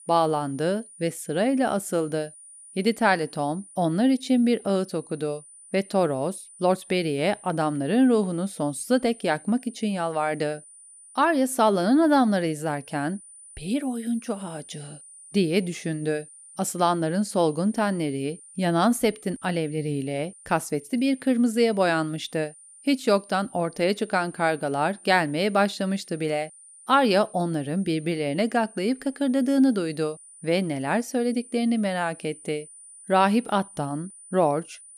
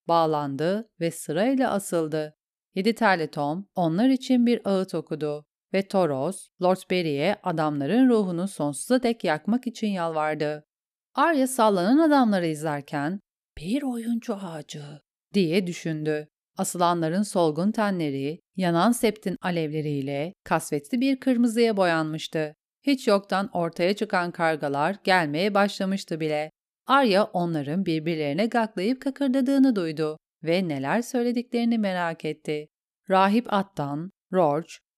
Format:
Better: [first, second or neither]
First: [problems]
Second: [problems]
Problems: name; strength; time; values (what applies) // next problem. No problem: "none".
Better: second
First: high-pitched whine; faint; throughout; 9.5 kHz, 20 dB below the speech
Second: none